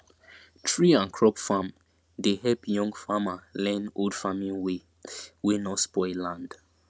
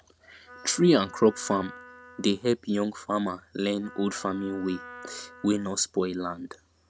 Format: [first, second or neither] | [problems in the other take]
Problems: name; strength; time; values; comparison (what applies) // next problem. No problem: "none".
first | background sound (Wind instrument, woodwind instrument); 19 dB below the speech